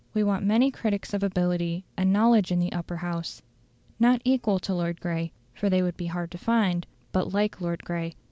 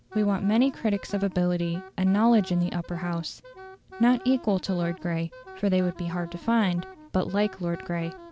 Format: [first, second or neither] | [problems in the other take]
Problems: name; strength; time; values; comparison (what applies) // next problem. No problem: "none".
first | background sound (Wind instrument, woodwind instrument); 18 dB below the speech